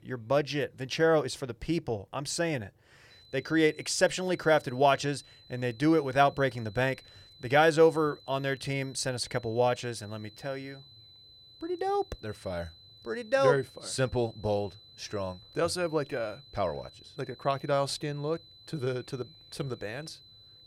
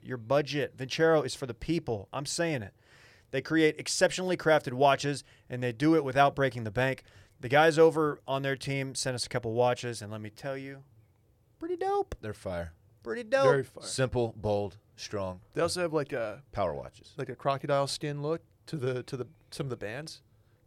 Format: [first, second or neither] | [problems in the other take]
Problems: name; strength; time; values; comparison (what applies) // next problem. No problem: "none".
second | high-pitched whine; faint; from 3 s on; 4 kHz, 25 dB below the speech